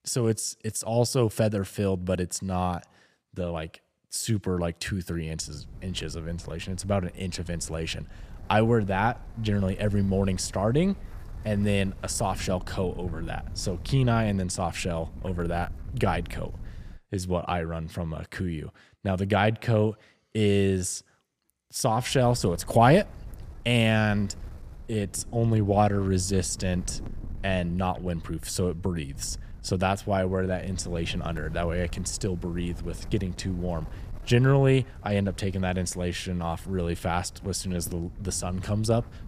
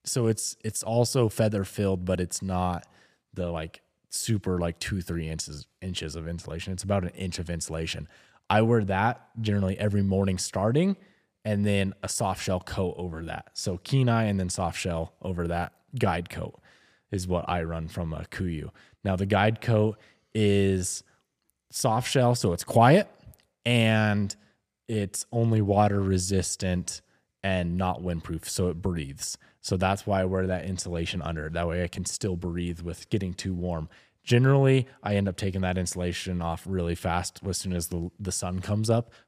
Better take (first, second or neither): second